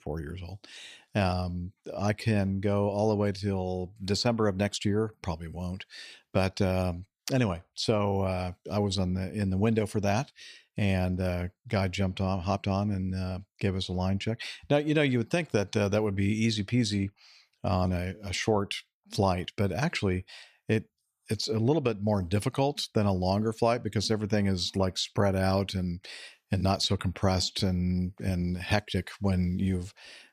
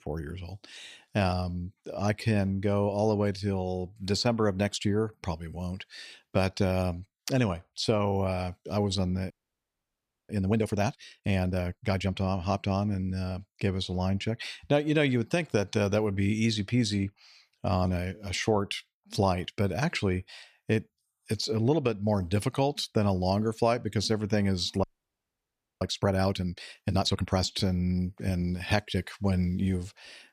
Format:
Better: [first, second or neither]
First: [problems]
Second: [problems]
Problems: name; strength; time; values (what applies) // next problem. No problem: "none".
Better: first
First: none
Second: audio freezing; at 9.5 s for 1 s and at 25 s for 1 s